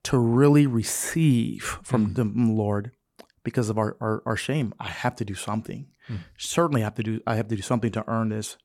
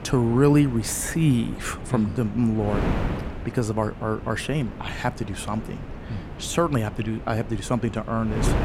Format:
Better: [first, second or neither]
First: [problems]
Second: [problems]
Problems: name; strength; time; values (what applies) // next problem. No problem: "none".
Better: first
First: none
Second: wind noise on the microphone; occasional gusts; 10 dB below the speech